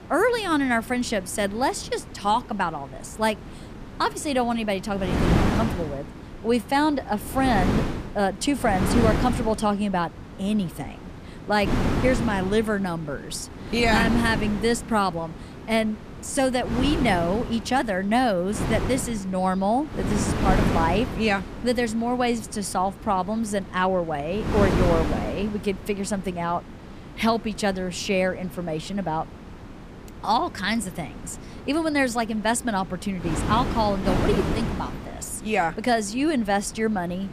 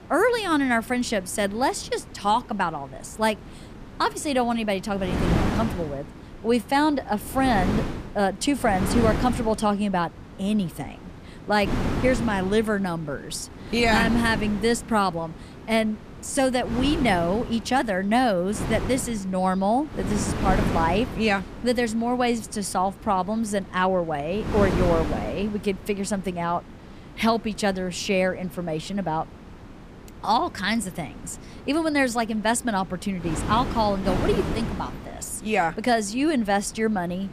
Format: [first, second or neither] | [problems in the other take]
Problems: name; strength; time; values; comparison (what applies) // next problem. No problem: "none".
second | wind noise on the microphone; heavy; 8 dB below the speech; occasional gusts in the second